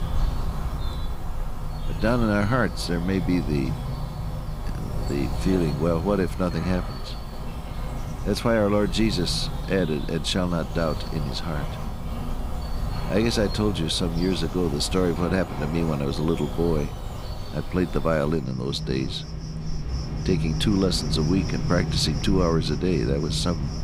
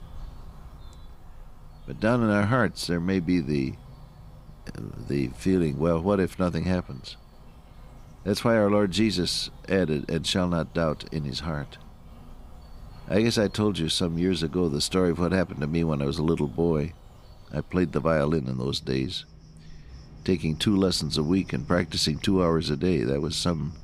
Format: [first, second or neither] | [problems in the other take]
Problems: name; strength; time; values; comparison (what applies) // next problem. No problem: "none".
second | animal sounds; loud; throughout; 6 dB below the speech; faint in the second